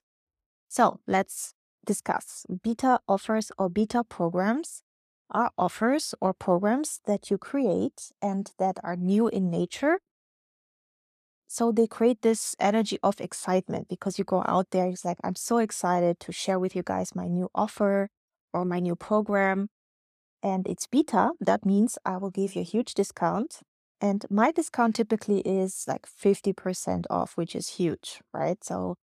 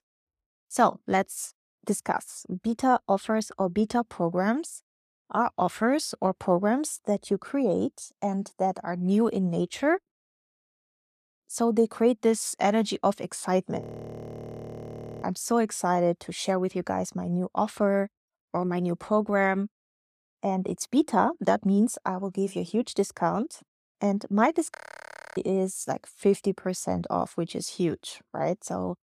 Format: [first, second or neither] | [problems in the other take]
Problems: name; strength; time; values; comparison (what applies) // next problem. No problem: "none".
first | audio freezing; at 14 s for 1.5 s and at 25 s for 0.5 s